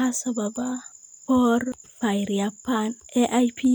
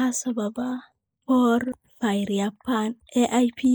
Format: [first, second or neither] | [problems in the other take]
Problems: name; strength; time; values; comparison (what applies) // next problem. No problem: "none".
first | noise reduction (neural mask model Resemble Enhance denoiser)